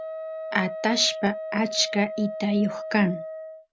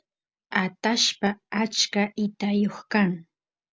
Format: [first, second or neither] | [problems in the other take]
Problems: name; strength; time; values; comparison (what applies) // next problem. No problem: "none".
second | background sound (Wind instrument, woodwind instrument); 8 dB below the speech